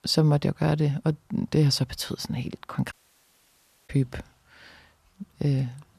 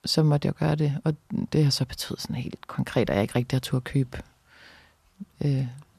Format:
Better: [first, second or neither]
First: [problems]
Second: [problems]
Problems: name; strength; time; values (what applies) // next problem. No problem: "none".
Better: second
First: audio cutting out; at 3 s for 1 s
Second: none